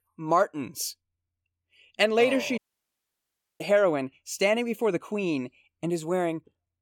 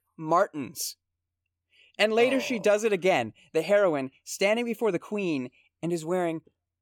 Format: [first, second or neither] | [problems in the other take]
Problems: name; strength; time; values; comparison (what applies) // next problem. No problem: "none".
second | audio cutting out; at 2.5 s for 1 s